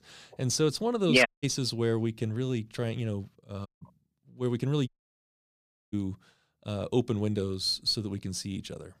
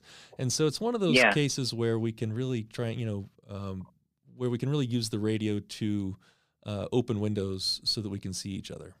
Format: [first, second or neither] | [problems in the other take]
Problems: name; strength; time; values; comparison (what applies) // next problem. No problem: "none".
second | audio cutting out; at 1.5 s, at 3.5 s and at 5 s for 1 s